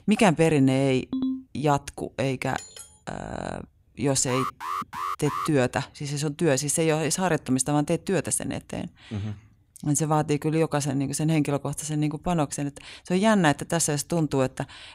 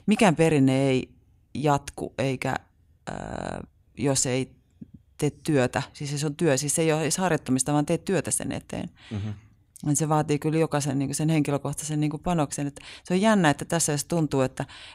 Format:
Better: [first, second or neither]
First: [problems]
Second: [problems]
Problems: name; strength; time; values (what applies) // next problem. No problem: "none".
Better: second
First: phone ringing; noticeable; at 1 s; peak 4 dB below the speech // clattering dishes; faint; at 2.5 s; peak 15 dB below the speech // alarm; noticeable; from 4.5 to 5.5 s; peak 5 dB below the speech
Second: none